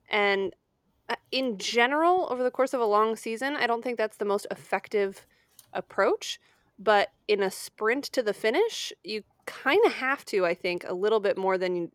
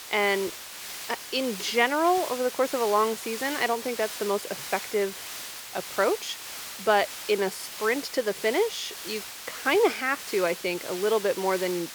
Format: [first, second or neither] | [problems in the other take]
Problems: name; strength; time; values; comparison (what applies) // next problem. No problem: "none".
first | hiss; loud; throughout; 9 dB below the speech